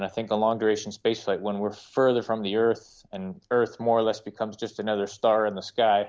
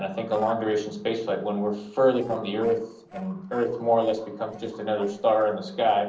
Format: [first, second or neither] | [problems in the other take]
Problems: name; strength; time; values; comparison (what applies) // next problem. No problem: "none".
first | noise reduction (neural separator model SepFormer DNS4)